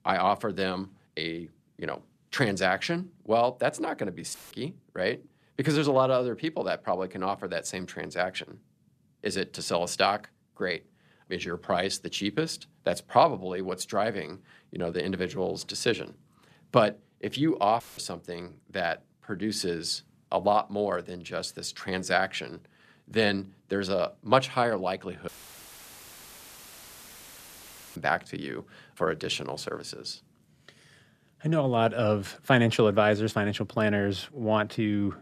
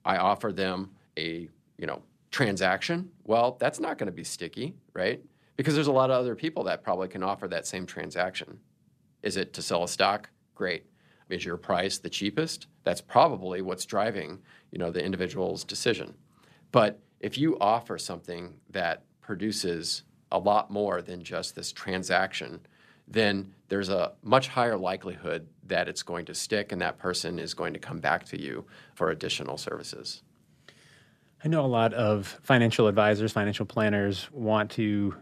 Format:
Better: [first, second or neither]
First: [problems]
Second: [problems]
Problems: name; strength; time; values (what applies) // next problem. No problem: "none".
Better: second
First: audio cutting out; filled with static; at 4.5 s, at 18 s and at 25 s for 2.5 s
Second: none